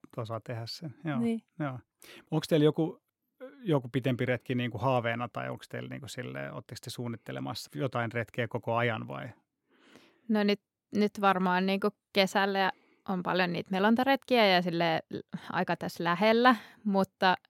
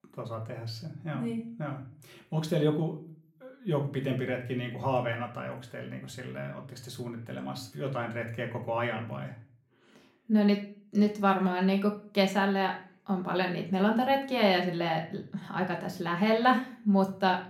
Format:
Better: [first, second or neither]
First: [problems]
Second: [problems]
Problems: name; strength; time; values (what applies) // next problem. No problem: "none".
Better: first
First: none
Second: room echo; slight; dies away in 0.4 s // off-mic speech; somewhat distant